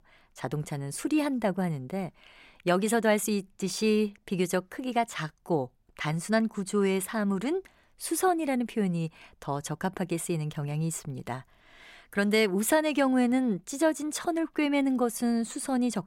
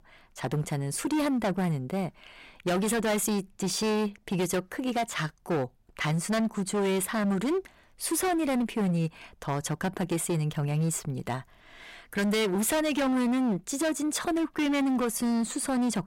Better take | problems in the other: first | distortion; heavy; 20% of the sound clipped

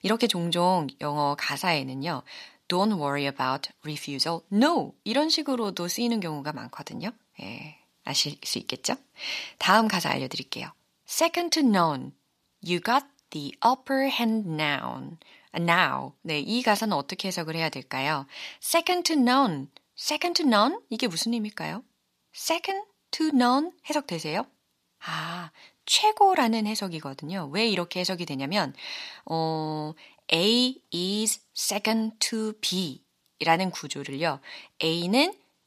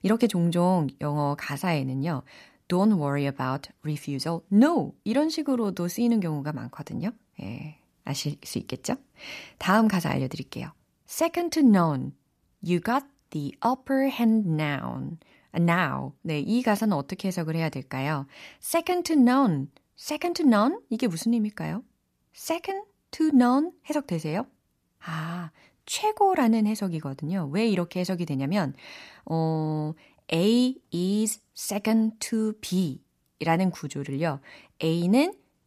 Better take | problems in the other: second | thin; very slightly; fading below 350 Hz

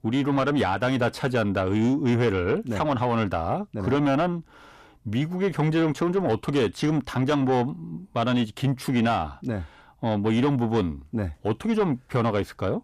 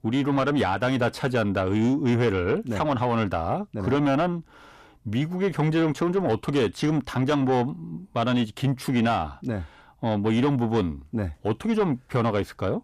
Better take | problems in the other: neither | distortion; slight; 10 dB below the speech; the same in both

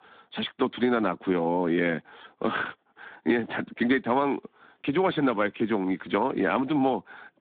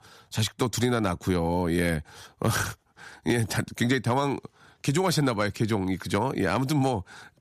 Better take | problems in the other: second | phone-call audio; nothing above 3.5 kHz

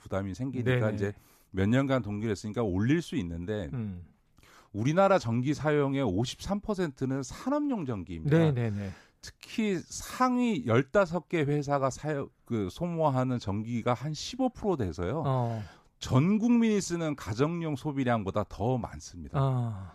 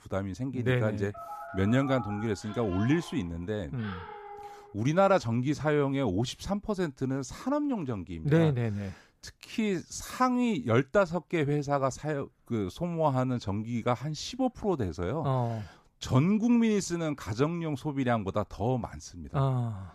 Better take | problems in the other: first | phone ringing; faint; from 1 to 4.5 s; peak 10 dB below the speech

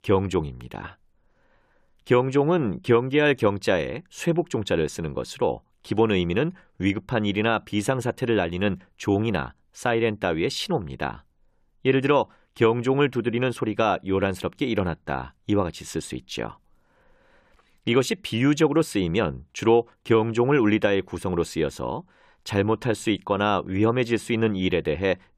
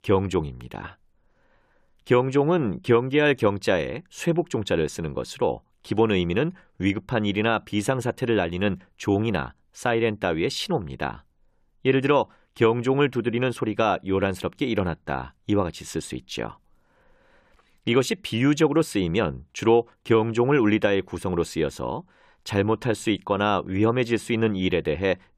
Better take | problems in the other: neither | none

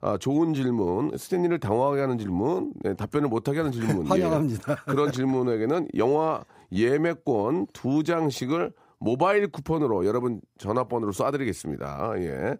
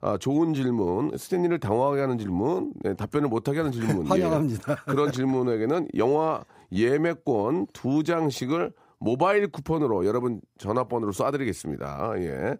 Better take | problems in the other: neither | none

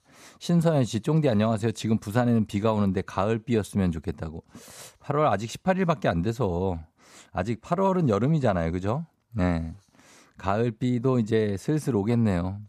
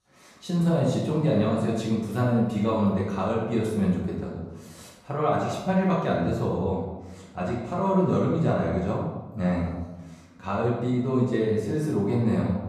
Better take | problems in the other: first | room echo; noticeable; dies away in 0.9 s // off-mic speech; far

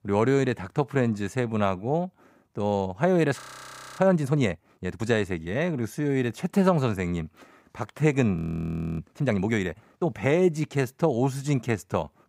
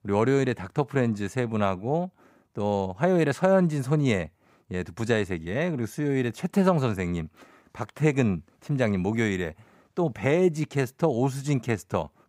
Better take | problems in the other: second | audio freezing; at 3.5 s for 0.5 s and at 8.5 s for 0.5 s

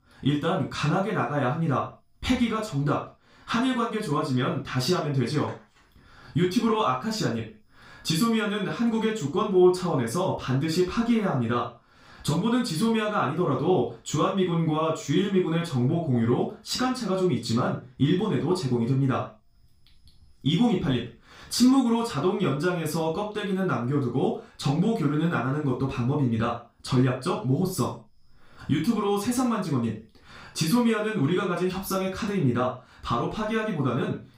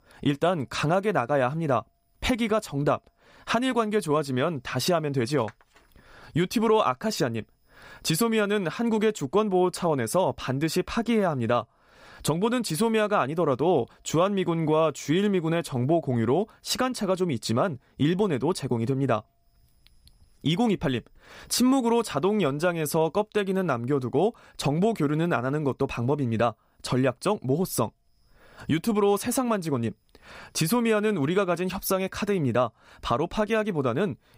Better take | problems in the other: second | room echo; noticeable; dies away in 0.3 s // off-mic speech; far

